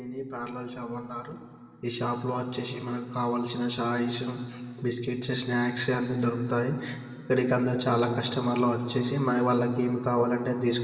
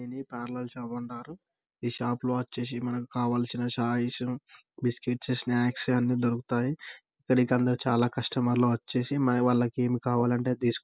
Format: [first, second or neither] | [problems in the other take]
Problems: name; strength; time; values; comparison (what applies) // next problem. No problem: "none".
second | room echo; dies away in 2.5 s